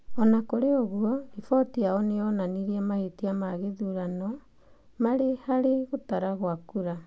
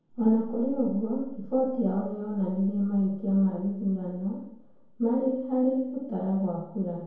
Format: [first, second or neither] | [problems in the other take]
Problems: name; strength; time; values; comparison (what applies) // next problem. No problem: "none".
first | room echo; dies away in 0.9 s